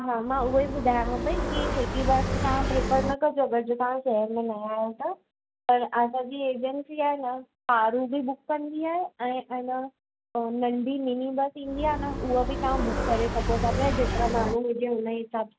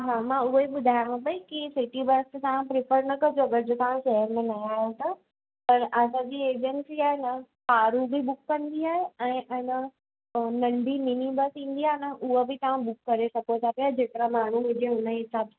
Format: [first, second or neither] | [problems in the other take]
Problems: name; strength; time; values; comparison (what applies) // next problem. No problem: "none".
second | background sound (Motorcycle); 1 dB below the speech